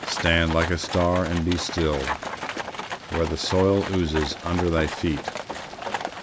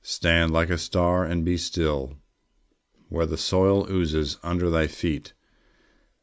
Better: second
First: background sound (Livestock, farm animals, working animals); 7 dB below the speech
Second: none

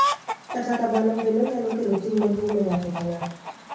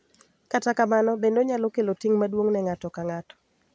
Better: second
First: background sound (Chicken, rooster); 7 dB below the speech // room echo; dies away in 0.5 s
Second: none

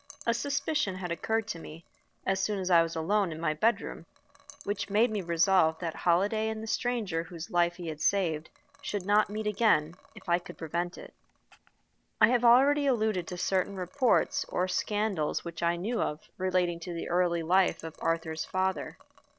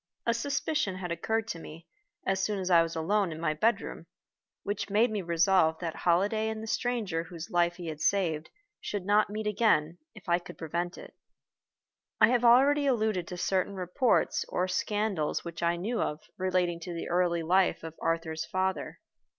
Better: second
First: noise reduction (neural separator model SepFormer DNS4)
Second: none

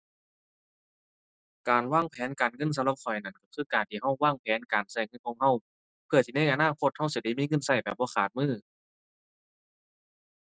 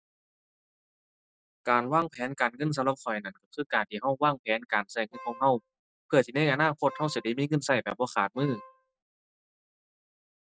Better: first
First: none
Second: background sound (Wind instrument, woodwind instrument); 17 dB below the speech

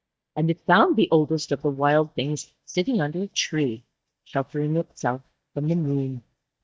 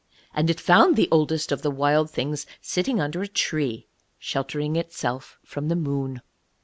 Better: second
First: noise reduction (neural mask model DeepFilterNet 3)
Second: none

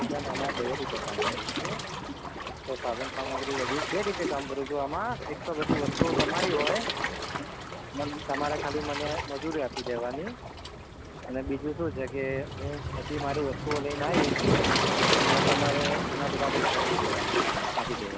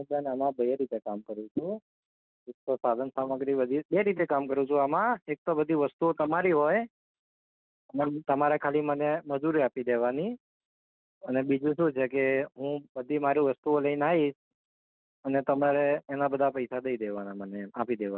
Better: second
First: background sound (Knock / Wood + Waves, surf); 4 dB above the speech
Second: none

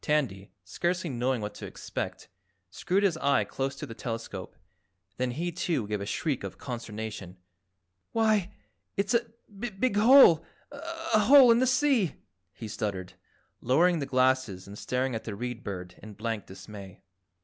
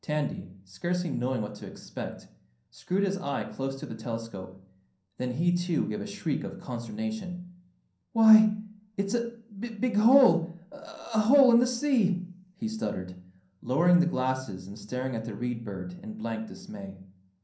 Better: first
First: none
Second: room echo; dies away in 0.6 s

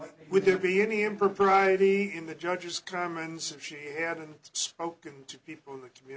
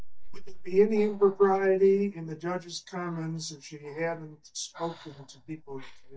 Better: first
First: none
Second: noise reduction (neural mask model DeepFilterNet 3)

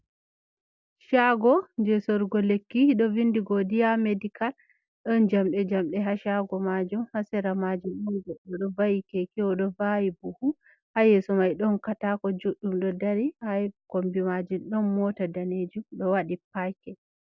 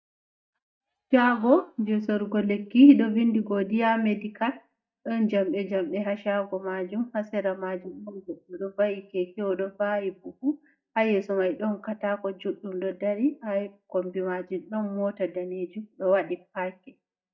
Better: first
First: none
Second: noise reduction (neural mask model DeepFilterNet 3)

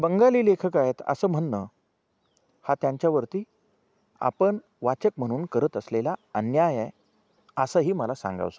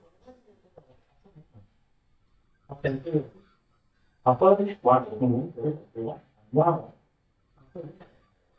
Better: first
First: none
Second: noise reduction (neural mask model DeepFilterNet 3)

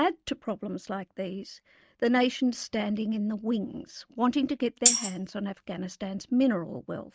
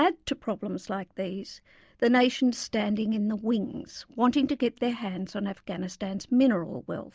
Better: second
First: noise reduction (neural mask model RNNoise)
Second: none

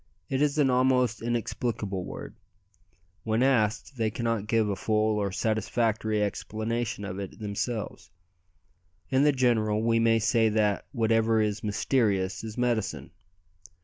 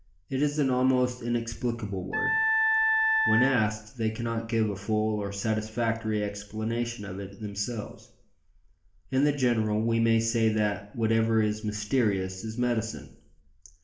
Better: first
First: none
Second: background sound (Wind instrument, woodwind instrument); 1 dB above the speech // room echo; dies away in 0.5 s

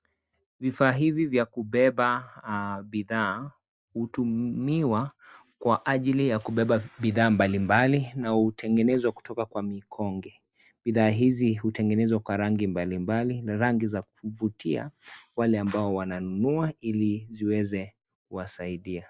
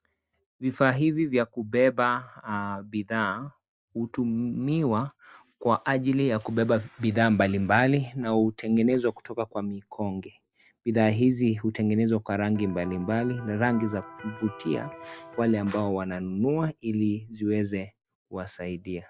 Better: first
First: none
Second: background sound (Electric guitar); 17 dB below the speech

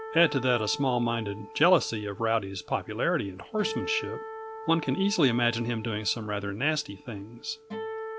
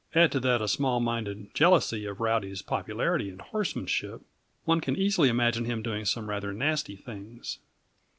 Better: second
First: background sound (Acoustic guitar); 12 dB below the speech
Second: none

